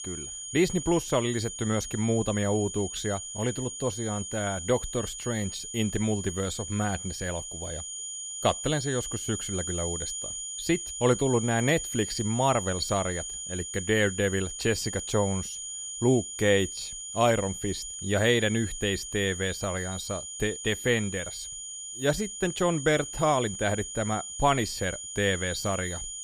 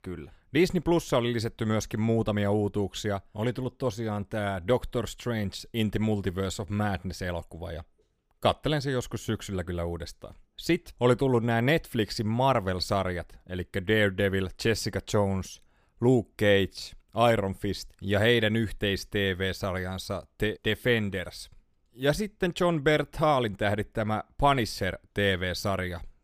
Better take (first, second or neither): second